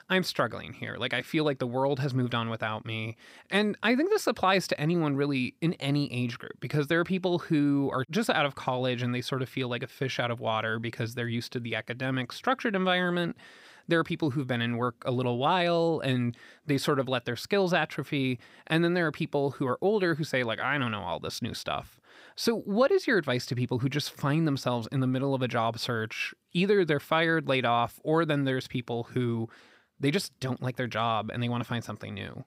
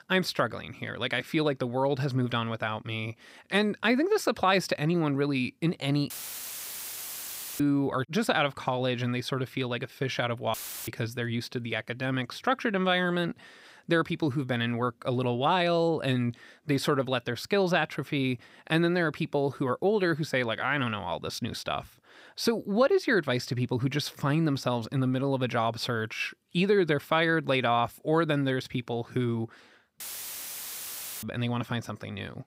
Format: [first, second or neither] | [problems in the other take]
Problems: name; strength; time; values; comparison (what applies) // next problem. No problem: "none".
first | audio cutting out; filled with static; at 6 s for 1.5 s, at 11 s and at 30 s for 1 s